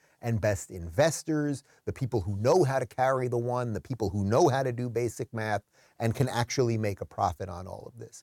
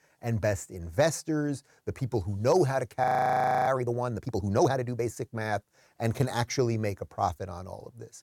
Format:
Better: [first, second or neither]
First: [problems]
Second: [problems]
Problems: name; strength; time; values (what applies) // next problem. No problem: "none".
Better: first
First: none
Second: audio freezing; at 3 s for 0.5 s